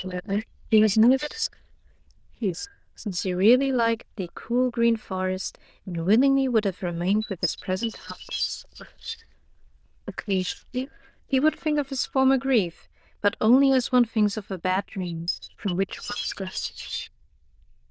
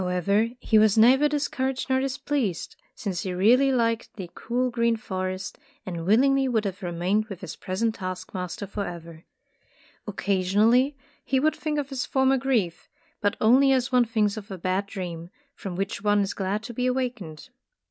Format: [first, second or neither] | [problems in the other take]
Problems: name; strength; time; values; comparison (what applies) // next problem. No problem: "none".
second | noise reduction (neural diffusion model UNIVERSE++)